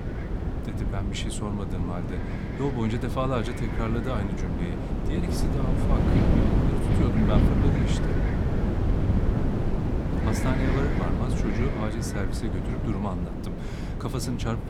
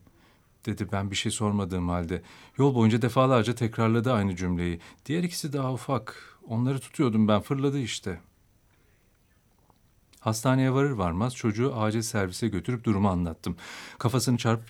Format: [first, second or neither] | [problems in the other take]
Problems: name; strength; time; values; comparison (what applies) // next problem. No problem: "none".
second | wind noise on the microphone; heavy; 1 dB above the speech